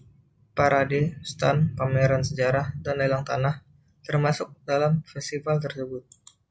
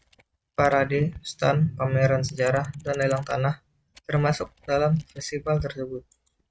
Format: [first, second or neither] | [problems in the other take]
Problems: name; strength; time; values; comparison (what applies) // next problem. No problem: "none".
first | noise reduction (neural mask model RNNoise)